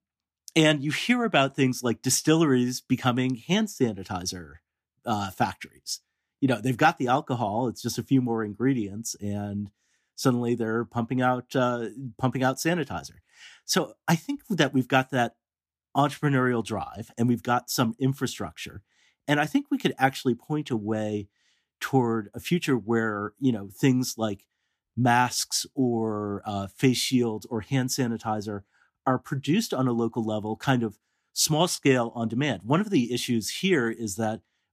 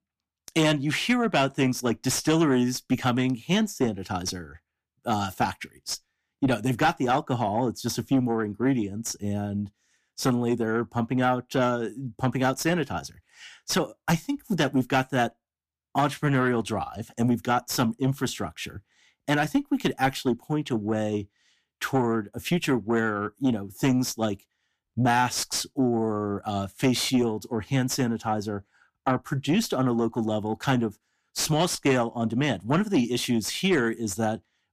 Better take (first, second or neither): first